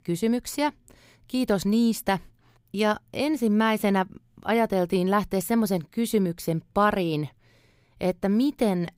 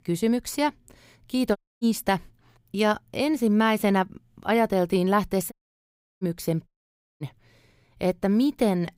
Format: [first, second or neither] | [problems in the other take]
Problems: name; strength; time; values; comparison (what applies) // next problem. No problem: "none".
first | audio cutting out; at 1.5 s, at 5.5 s for 0.5 s and at 6.5 s for 0.5 s